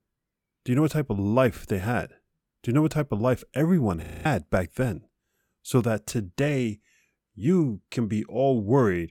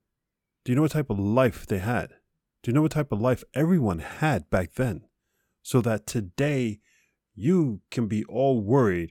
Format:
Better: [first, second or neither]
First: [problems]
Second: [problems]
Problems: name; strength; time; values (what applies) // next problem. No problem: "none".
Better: second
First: audio freezing; at 4 s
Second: none